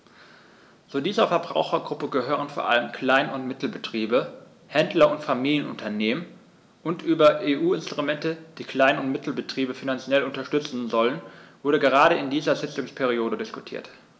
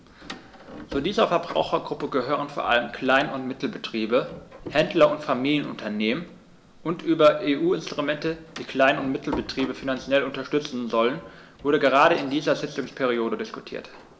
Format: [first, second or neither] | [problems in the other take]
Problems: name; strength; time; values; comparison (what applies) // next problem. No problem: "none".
first | background sound (Door); 19 dB below the speech